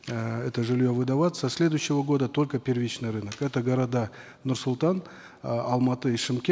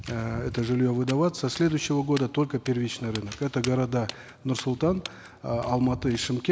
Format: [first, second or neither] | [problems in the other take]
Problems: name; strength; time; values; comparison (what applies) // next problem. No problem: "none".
first | background sound (Walk, footsteps); 15 dB below the speech